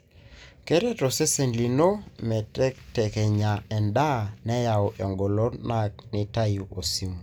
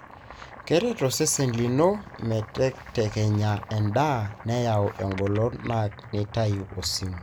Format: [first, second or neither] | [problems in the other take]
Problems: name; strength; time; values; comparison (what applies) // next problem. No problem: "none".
first | background sound (Boiling); 18 dB below the speech